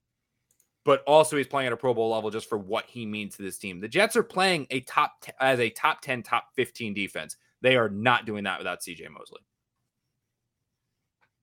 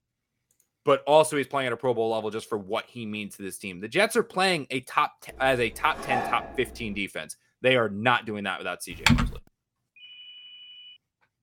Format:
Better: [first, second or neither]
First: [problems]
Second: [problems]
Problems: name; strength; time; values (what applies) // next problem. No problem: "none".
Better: first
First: none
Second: clattering dishes; noticeable; from 5.5 to 7 s; peak 3 dB below the speech // keyboard typing; loud; at 9 s; peak 4 dB above the speech // phone ringing; faint; from 10 s on; peak 15 dB below the speech